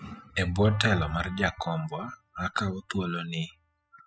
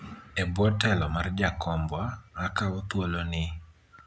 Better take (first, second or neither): second